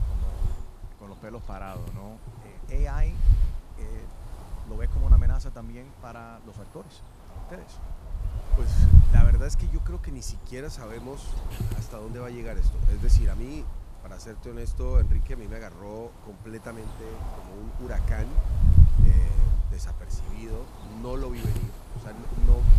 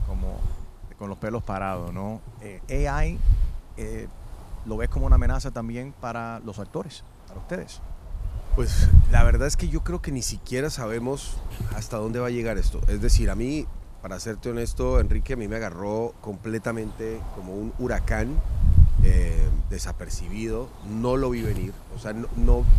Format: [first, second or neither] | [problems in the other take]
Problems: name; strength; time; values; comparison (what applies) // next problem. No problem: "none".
second | wind noise on the microphone; heavy; 2 dB below the speech; occasional gusts in the second